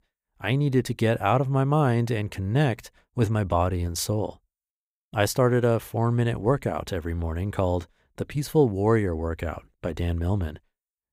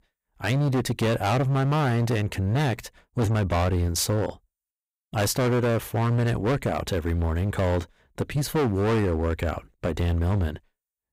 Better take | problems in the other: first | distortion; heavy; 19% of the sound clipped

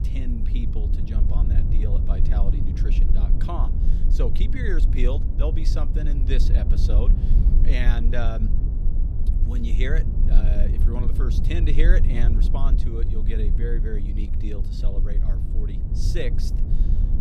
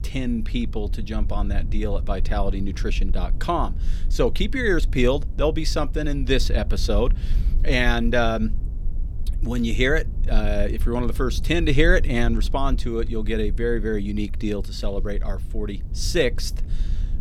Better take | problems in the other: second | low rumble; loud; throughout; 5 dB below the speech; faint in the second

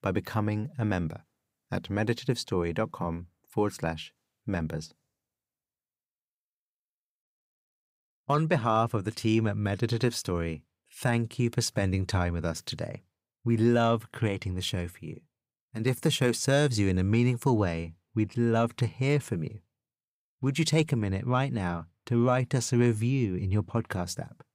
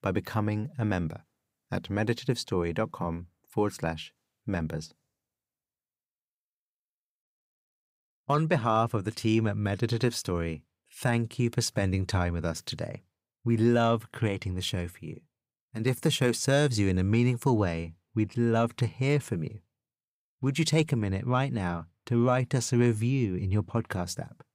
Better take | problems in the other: neither | none

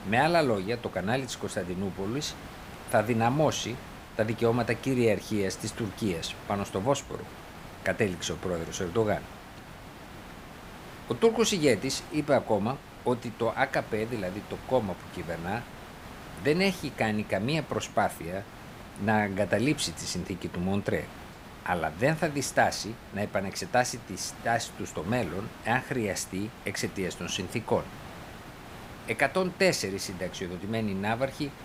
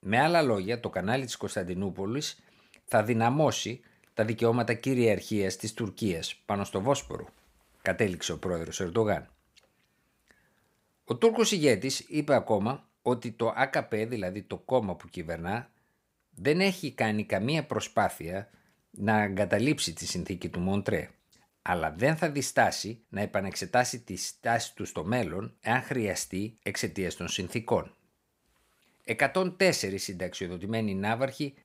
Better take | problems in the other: second | hiss; noticeable; throughout; 15 dB below the speech

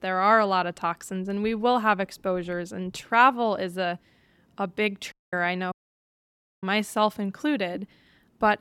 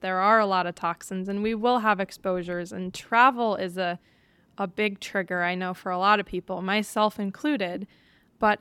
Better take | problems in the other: second | audio cutting out; at 5 s and at 5.5 s for 1 s

